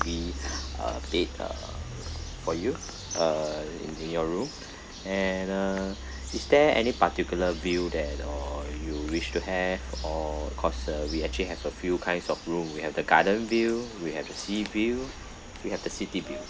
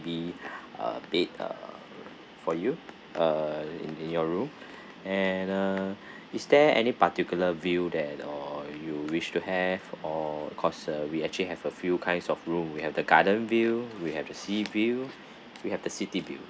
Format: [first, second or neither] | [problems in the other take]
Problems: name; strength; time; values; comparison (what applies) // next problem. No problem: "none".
second | background sound (Bird vocalization, bird call, bird song); 9 dB below the speech